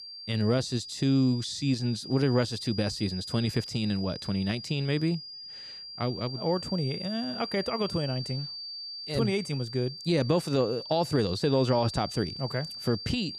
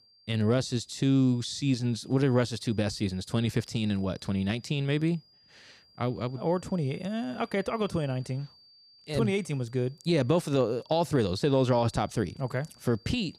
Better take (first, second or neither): second